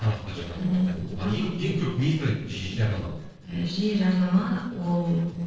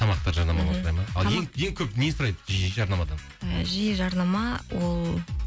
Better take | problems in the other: second | noise reduction (neural separator model SepFormer DNS4)

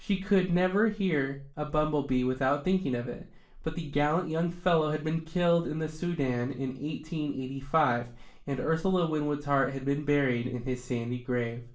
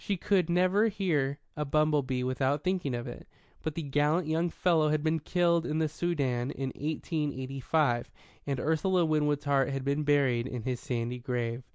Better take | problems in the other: second | room echo; dies away in 0.3 s

